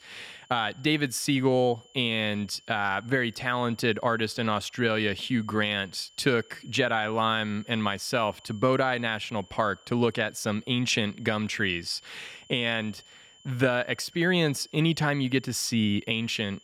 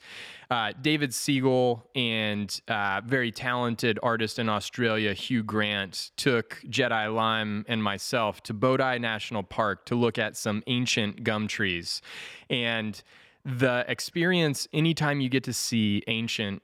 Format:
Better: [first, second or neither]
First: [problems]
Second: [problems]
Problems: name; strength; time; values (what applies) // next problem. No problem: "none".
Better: second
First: high-pitched whine; faint; throughout; 3 kHz, 25 dB below the speech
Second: none